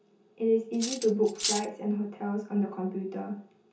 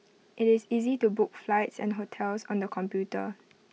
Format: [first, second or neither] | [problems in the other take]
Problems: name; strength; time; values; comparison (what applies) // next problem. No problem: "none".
second | background sound (Cutlery, silverware); 4 dB below the speech // room echo; dies away in 0.6 s